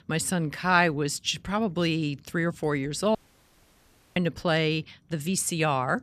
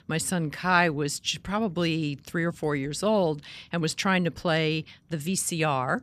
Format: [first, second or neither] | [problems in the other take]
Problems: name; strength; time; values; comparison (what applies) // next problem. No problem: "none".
second | audio cutting out; at 3 s for 1 s